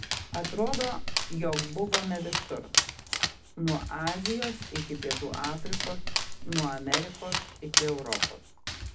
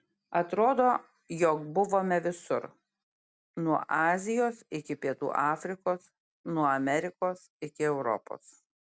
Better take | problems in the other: second | background sound (Dog); 2 dB above the speech // room echo; dies away in 0.4 s

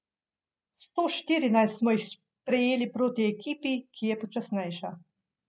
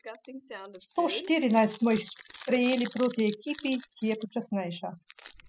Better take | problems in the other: first | noise reduction (classical method spectral subtraction)

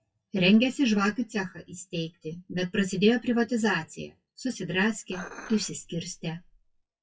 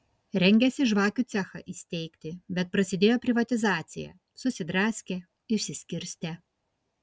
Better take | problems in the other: second | noise reduction (classical method WPE with log-MMSE)

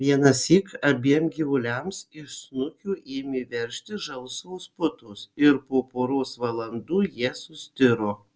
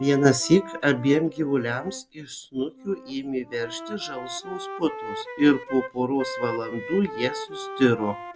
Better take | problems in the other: first | background sound (Wind instrument, woodwind instrument); 12 dB below the speech

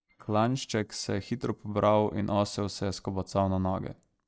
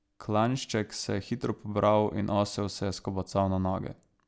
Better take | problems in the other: second | noise reduction (neural mask model DeepFilterNet 3)

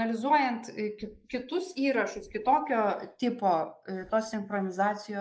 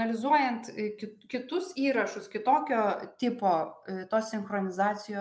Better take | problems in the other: second | noise reduction (neural mask model Resemble Enhance denoiser)

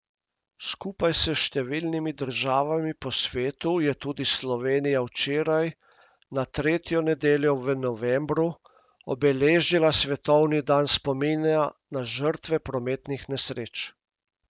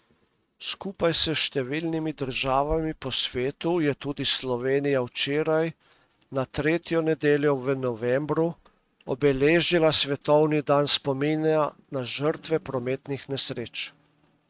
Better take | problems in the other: first | noise reduction (neural mask model RNNoise)

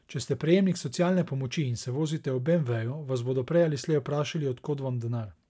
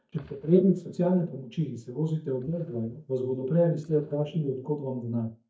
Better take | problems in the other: first | noise reduction (neural mask model DeepFilterNet 3)

